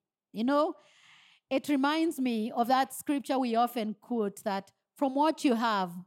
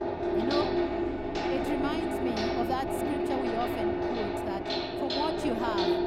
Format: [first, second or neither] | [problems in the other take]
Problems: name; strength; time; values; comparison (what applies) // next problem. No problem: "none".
first | household noises; very loud; throughout; 5 dB above the speech